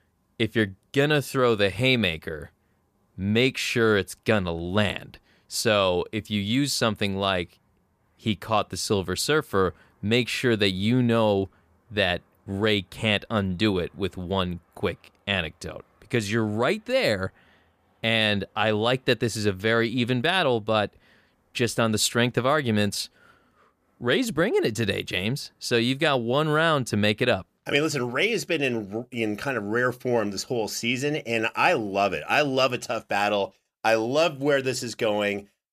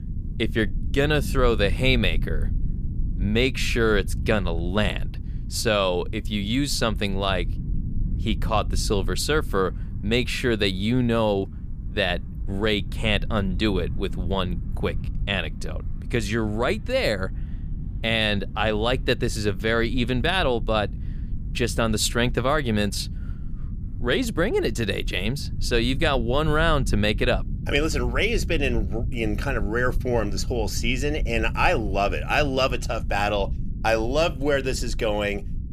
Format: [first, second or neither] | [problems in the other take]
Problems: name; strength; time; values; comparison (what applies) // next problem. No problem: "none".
first | low rumble; faint; throughout; 20 dB below the speech